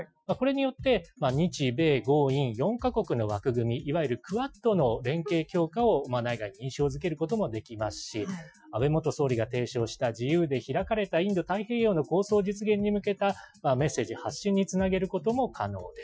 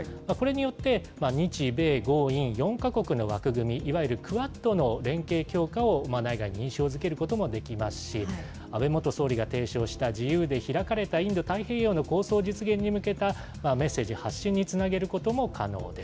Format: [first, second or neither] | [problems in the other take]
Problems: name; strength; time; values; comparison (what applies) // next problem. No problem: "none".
second | noise reduction (classical method Wiener filter)